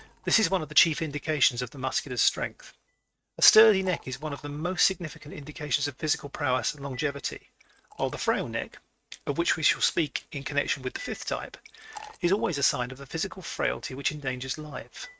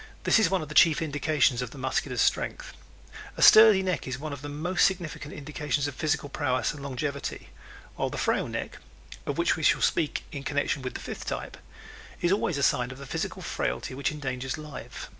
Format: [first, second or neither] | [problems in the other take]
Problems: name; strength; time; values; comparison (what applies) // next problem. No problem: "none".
second | noise reduction (neural mask model RNNoise)